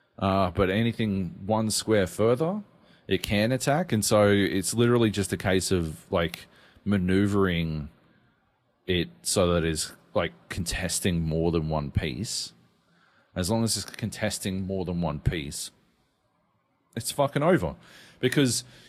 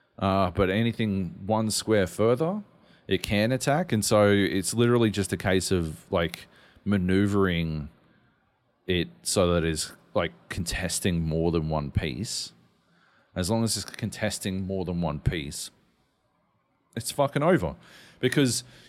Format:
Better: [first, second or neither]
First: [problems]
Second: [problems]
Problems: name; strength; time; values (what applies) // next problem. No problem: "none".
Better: second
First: garbled, watery; slightly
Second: none